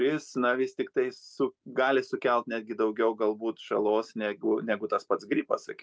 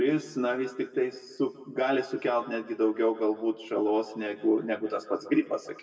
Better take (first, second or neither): first